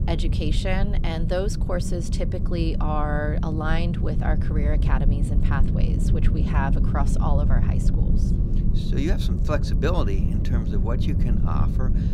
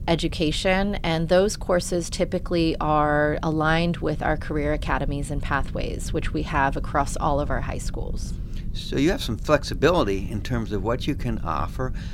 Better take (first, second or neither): second